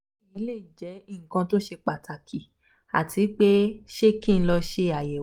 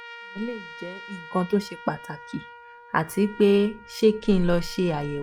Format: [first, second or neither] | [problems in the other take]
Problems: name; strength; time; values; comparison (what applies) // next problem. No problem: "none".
first | background sound (Trumpet); 18 dB below the speech